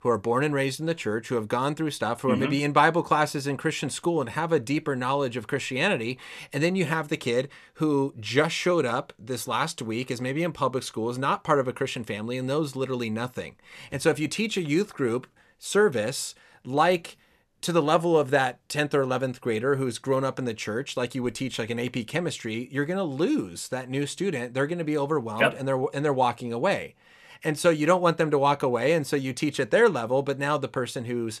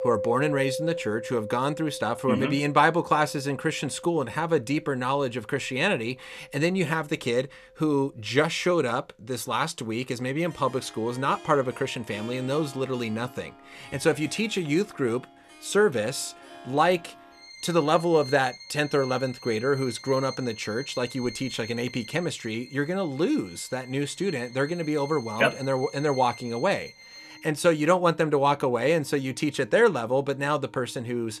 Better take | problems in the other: first | background music; noticeable; throughout; 15 dB below the speech

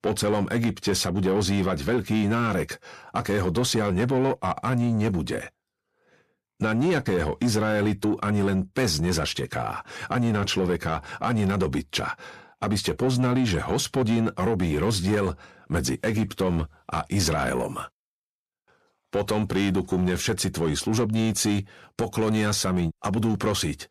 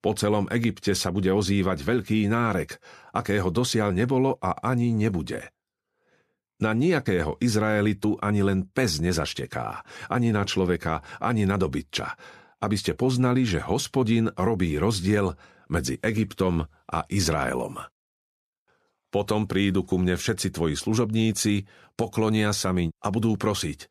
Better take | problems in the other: second | distortion; slight; 10 dB below the speech

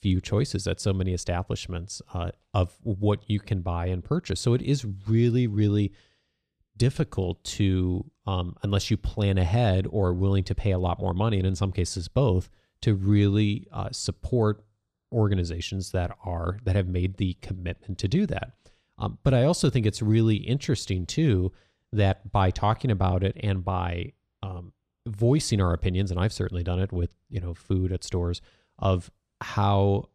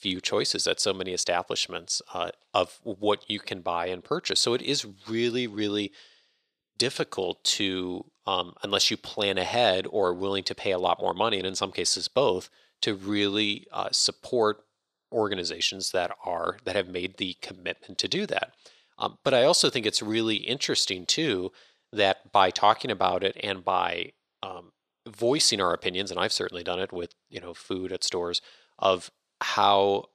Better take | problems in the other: first | thin; very; fading below 500 Hz

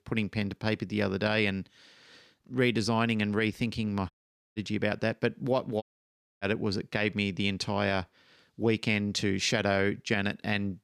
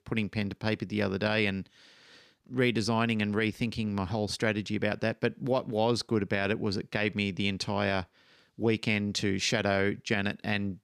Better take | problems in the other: second | audio cutting out; at 4 s and at 6 s for 0.5 s

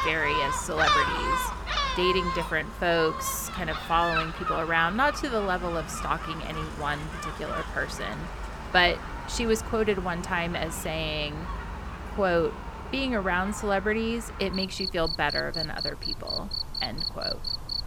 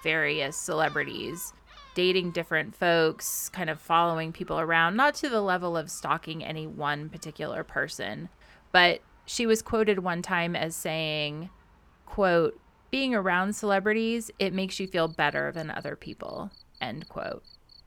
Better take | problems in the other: second | animal sounds; loud; throughout; 4 dB below the speech; faint in the second

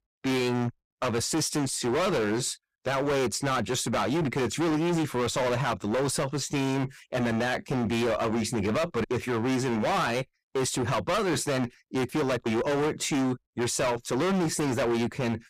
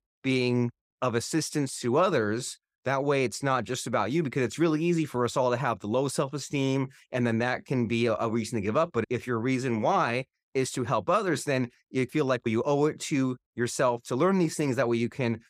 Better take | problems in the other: second | distortion; heavy; 28% of the sound clipped

